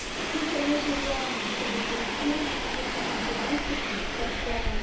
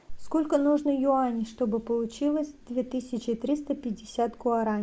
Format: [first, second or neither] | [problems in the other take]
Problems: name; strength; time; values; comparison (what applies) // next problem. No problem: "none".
second | background sound (Subway, metro, underground); 3 dB above the speech // room echo; dies away in 1 s